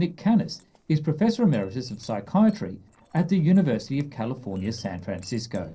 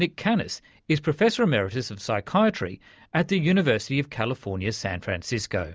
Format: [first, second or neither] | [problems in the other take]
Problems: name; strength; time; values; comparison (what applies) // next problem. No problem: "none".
second | noise reduction (neural separator model SepFormer DNS4)